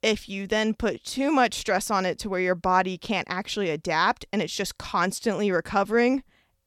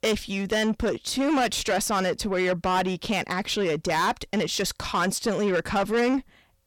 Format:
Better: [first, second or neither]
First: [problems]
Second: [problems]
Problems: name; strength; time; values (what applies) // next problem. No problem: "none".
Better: first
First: none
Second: distortion; heavy; 8 dB below the speech